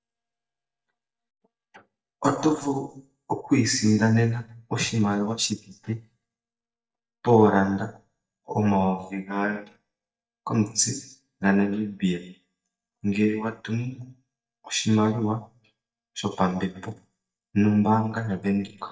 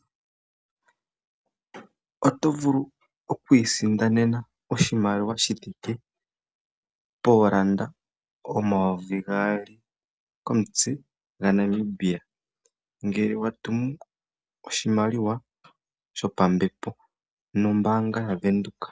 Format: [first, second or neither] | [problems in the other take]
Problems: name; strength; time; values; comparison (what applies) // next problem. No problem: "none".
second | noise reduction (neural mask model DeepFilterNet 3)